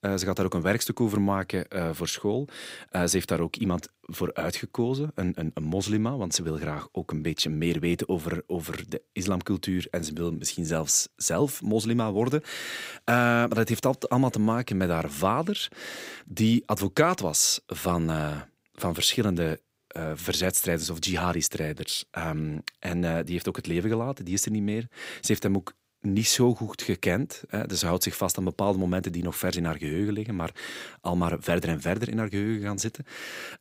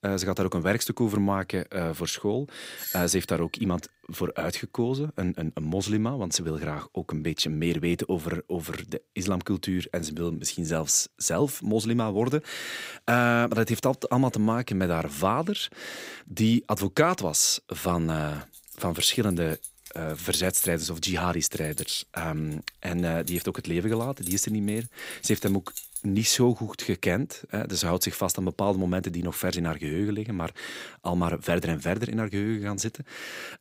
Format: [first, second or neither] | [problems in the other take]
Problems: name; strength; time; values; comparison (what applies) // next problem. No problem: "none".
first | doorbell; noticeable; at 3 s; peak 6 dB below the speech // jangling keys; noticeable; from 19 to 26 s; peak 3 dB below the speech